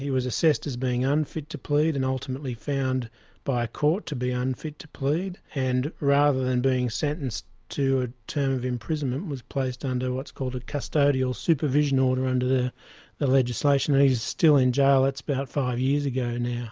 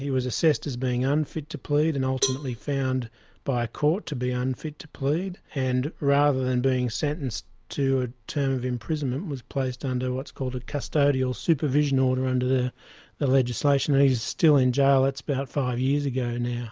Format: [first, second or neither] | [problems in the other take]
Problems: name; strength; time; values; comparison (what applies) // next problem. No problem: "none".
first | background sound (Cowbell); 12 dB below the speech